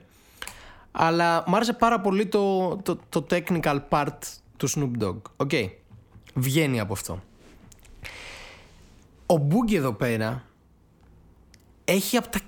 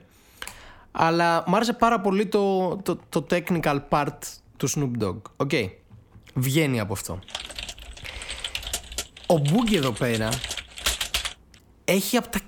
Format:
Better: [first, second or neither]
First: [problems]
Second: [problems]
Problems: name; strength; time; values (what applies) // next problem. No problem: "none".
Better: first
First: none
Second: keyboard typing; loud; from 7.5 to 11 s; peak level with the speech